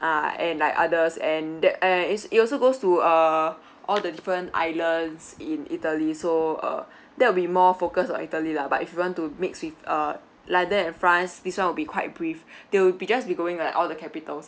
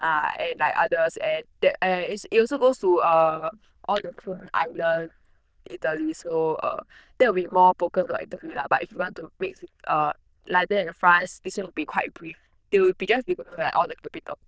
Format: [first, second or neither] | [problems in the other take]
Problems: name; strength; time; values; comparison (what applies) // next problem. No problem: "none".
first | noise reduction (neural diffusion model UNIVERSE++)